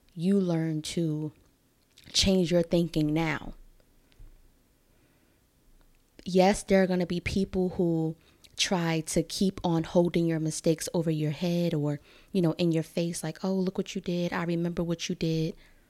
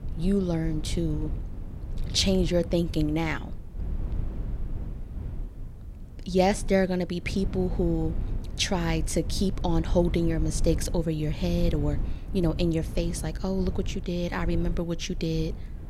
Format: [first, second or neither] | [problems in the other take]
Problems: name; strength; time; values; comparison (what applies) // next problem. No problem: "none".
first | low rumble; noticeable; throughout; 15 dB below the speech